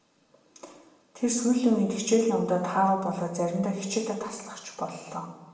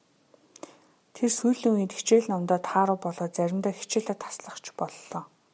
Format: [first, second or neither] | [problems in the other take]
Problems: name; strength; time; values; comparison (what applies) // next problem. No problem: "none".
second | room echo; dies away in 0.8 s